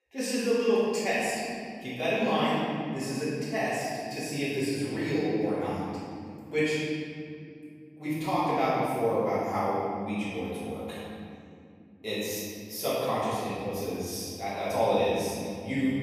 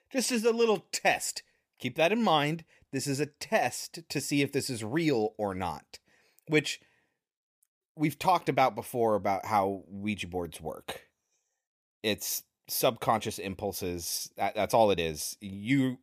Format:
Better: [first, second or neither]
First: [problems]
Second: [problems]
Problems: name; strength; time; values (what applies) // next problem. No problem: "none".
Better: second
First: room echo; strong; dies away in 2.6 s // off-mic speech; far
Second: none